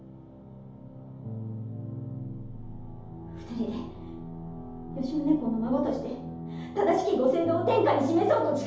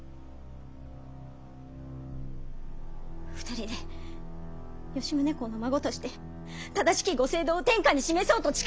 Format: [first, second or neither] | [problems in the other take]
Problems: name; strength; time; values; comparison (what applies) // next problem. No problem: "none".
second | background sound (Bass guitar); 14 dB below the speech // room echo; dies away in 0.8 s